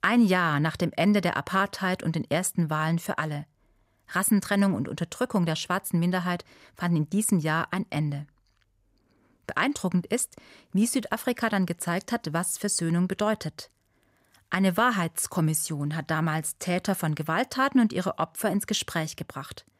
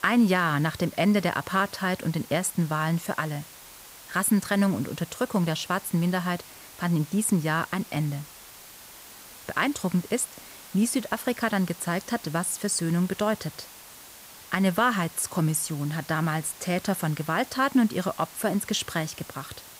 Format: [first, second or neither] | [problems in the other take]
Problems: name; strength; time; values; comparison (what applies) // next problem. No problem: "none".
first | hiss; noticeable; throughout; 15 dB below the speech